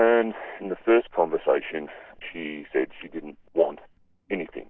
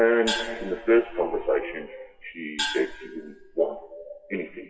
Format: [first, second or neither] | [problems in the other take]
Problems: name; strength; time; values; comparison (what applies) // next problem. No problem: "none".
first | noise reduction (classical method WPE with log-MMSE)